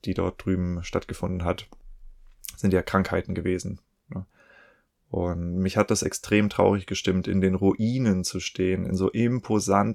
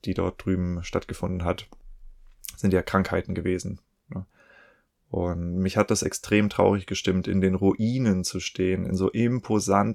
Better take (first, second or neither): neither